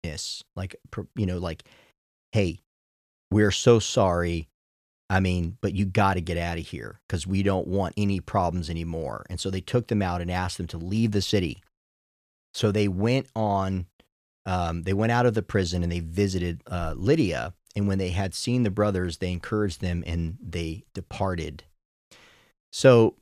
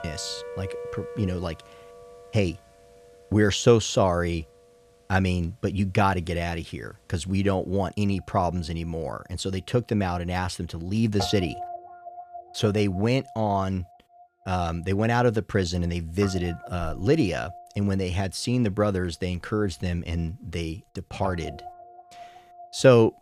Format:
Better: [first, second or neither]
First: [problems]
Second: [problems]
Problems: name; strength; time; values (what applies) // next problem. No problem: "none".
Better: first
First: none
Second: background music; noticeable; throughout; 15 dB below the speech